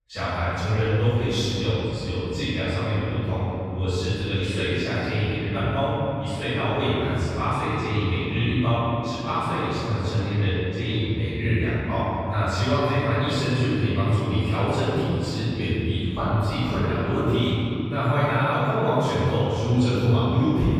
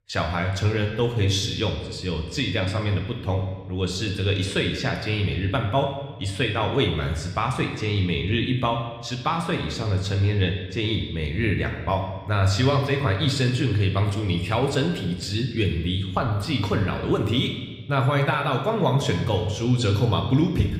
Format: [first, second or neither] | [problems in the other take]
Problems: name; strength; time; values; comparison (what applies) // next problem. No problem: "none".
second | room echo; strong; dies away in 2.9 s; slight in the second // off-mic speech; far